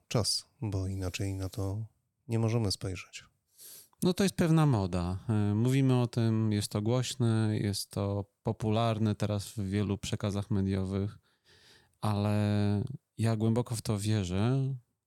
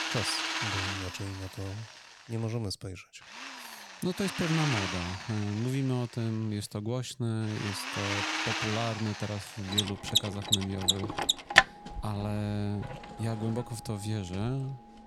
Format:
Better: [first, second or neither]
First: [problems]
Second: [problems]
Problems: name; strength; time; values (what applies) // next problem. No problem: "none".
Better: first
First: none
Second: machinery noise; very loud; throughout; 4 dB above the speech